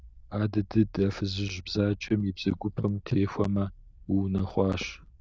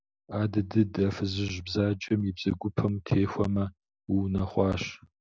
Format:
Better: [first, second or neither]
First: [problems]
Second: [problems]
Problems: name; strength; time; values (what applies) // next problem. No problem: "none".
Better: second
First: noise reduction (neural diffusion model UNIVERSE++)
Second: none